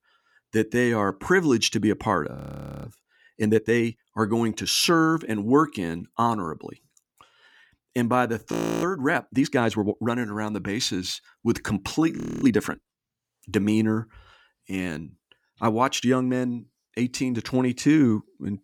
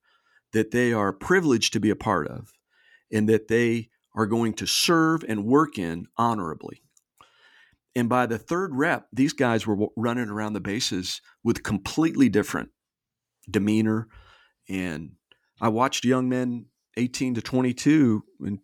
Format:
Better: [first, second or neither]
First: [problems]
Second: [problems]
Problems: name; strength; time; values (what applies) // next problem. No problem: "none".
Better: second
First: audio freezing; at 2.5 s, at 8.5 s and at 12 s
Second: none